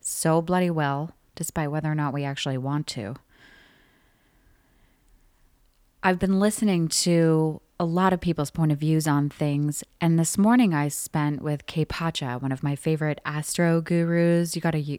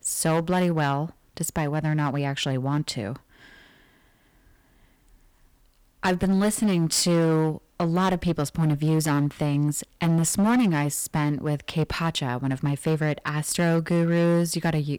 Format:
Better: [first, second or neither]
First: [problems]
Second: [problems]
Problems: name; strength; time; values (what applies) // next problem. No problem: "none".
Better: first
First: none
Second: distortion; slight; 10% of the sound clipped